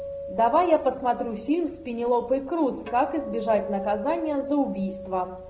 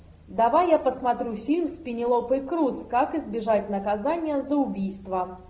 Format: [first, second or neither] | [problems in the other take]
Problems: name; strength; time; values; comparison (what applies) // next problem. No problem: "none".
second | background sound (Acoustic guitar); 11 dB below the speech